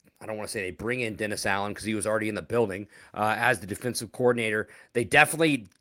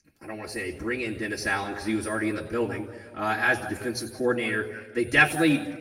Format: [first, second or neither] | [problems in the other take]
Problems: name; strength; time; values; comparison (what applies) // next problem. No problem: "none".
first | room echo; noticeable; dies away in 1 s // off-mic speech; far